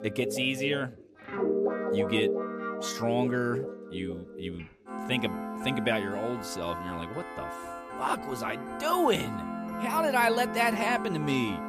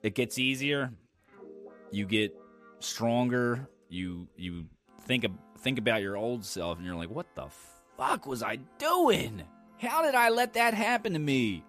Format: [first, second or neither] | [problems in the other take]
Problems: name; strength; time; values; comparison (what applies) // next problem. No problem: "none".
second | background music; loud; throughout; 5 dB below the speech; faint in the second